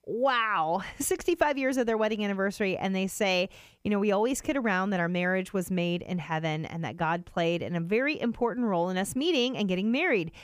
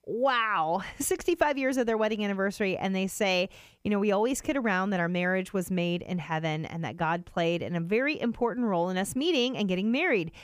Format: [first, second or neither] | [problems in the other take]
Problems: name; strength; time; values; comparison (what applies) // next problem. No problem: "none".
neither | none